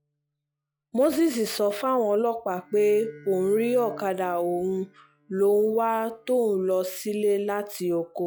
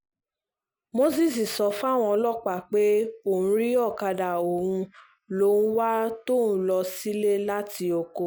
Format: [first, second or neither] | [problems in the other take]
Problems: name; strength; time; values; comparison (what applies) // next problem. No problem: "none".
second | noise reduction (classical method log-MMSE)